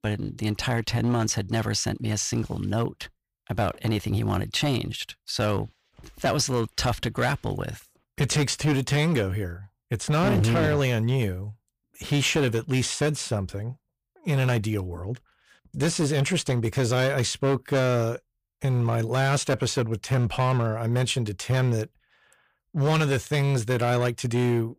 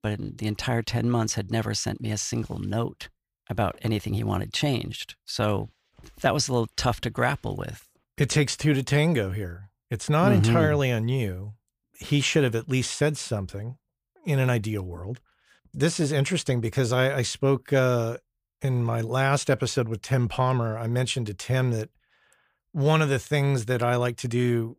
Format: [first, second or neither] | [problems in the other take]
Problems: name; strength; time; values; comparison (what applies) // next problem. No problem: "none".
second | distortion; slight; 9% of the sound clipped